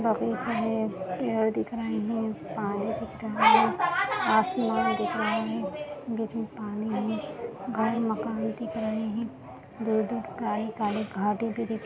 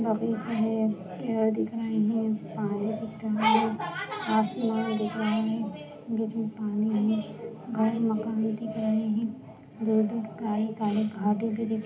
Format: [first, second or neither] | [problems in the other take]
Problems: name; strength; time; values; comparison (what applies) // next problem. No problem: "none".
first | room echo; dies away in 0.4 s